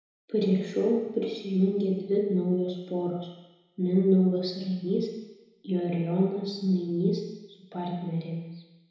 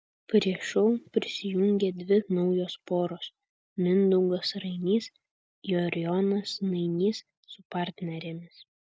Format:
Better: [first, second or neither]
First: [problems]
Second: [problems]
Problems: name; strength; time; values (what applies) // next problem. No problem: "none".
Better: second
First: room echo; dies away in 1 s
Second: none